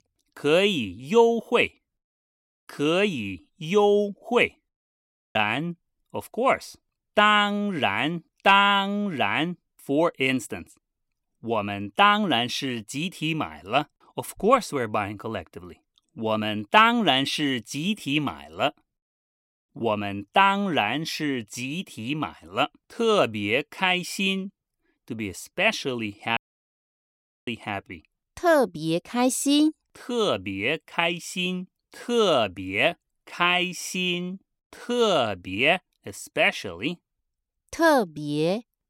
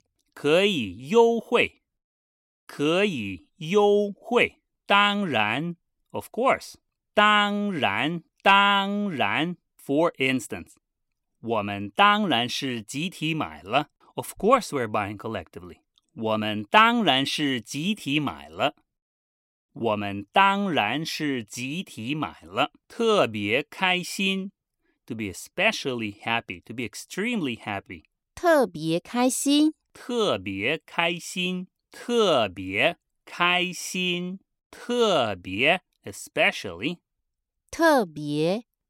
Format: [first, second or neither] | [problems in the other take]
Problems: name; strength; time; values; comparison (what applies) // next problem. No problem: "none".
second | audio cutting out; at 4.5 s for 0.5 s and at 26 s for 1 s